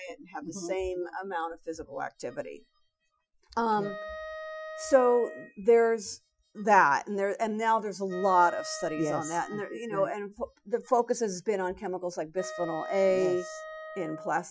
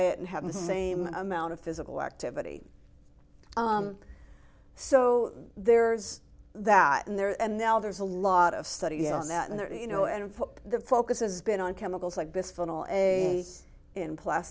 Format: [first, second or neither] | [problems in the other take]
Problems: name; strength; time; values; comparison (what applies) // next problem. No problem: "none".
second | noise reduction (classical method Wiener filter)